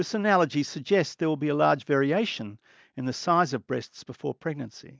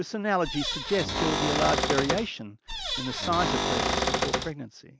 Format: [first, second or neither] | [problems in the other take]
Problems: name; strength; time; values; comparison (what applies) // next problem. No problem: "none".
first | background sound (Cupboard open or close / Door); 2 dB above the speech